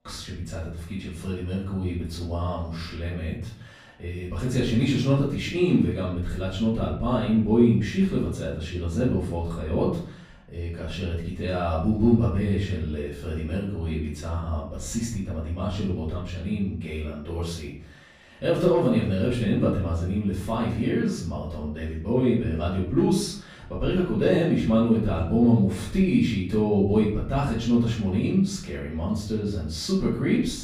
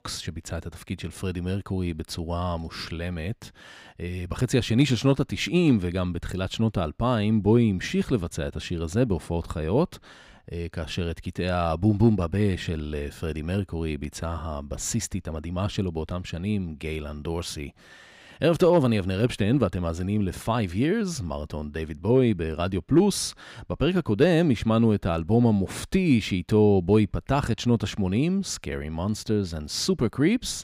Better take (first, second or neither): second